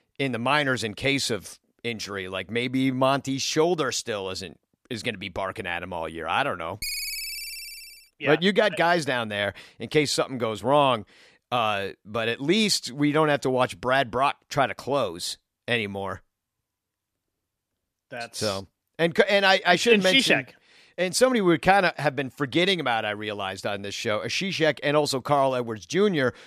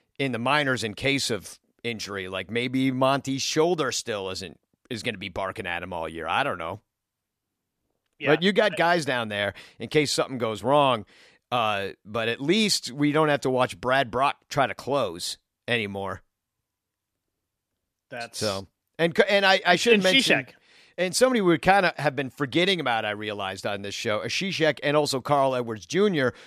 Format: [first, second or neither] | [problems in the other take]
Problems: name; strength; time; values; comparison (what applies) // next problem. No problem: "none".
second | phone ringing; noticeable; from 7 to 8 s; peak 4 dB below the speech